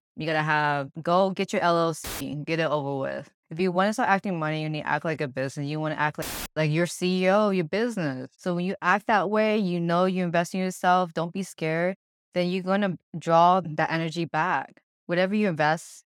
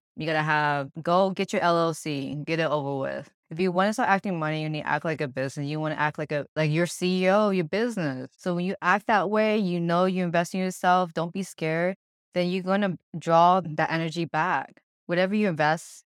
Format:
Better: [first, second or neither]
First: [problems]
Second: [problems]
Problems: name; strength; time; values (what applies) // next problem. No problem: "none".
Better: second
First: audio cutting out; filled with static; at 2 s and at 6 s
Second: none